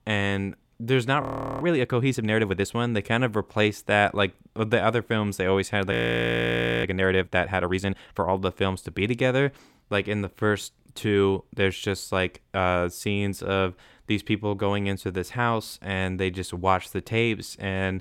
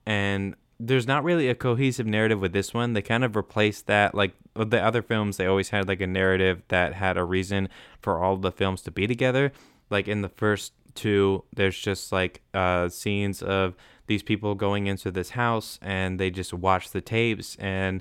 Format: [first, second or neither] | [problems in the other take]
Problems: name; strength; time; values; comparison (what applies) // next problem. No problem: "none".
second | audio freezing; at 1 s and at 6 s for 1 s